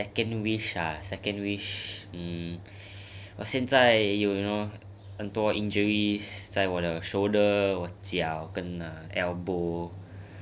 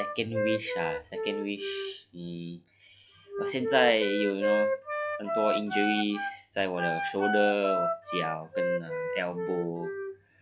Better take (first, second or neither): first